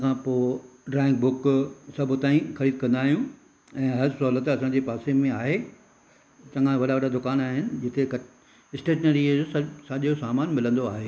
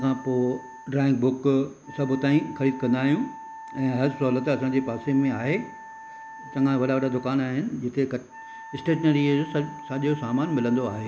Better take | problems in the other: first | background sound (Wind instrument, woodwind instrument); 17 dB below the speech

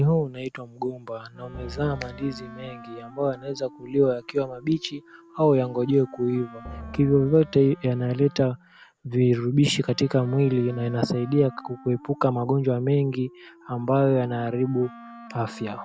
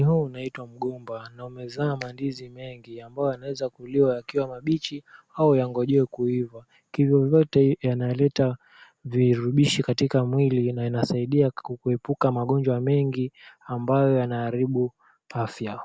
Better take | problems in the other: second | background sound (Wind instrument, woodwind instrument + Drum); 20 dB below the speech

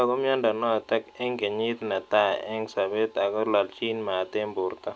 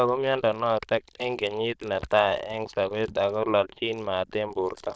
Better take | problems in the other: first | noise reduction (neural diffusion model UNIVERSE++)

